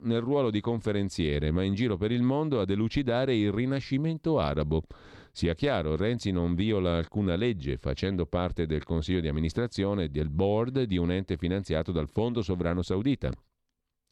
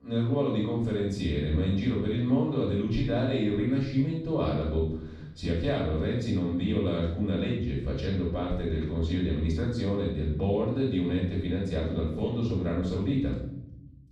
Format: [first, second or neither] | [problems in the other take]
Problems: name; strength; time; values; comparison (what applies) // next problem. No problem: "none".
first | off-mic speech; far // room echo; noticeable; dies away in 0.7 s